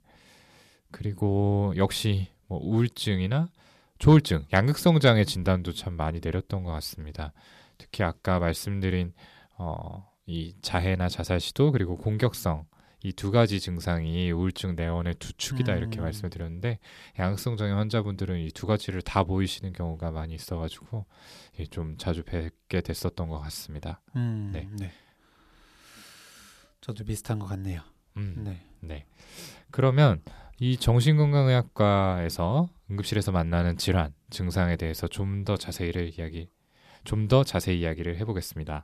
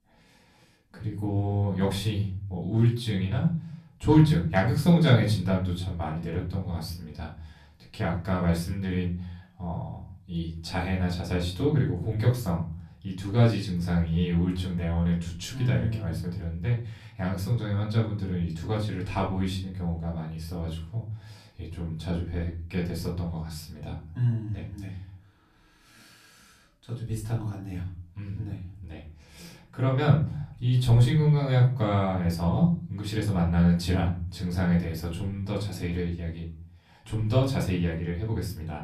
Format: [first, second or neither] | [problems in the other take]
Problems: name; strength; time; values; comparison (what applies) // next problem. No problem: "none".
first | off-mic speech; far // room echo; slight; dies away in 0.5 s